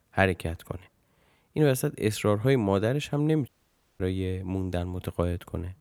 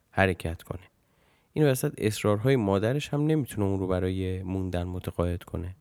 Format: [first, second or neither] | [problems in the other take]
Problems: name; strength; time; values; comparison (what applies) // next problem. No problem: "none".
second | audio cutting out; at 3.5 s for 0.5 s